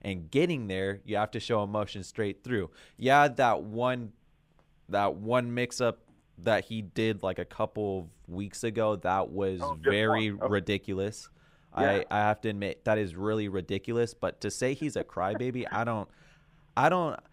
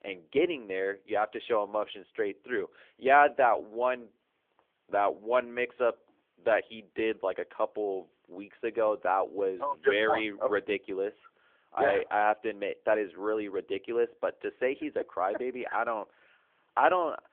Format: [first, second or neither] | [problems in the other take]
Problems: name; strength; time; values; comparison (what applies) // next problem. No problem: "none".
first | phone-call audio; nothing above 3.5 kHz